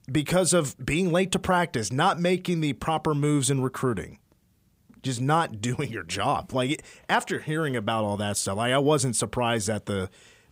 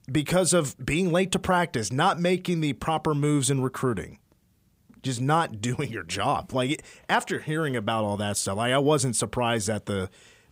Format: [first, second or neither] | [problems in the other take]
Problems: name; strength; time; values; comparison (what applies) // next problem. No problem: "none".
neither | none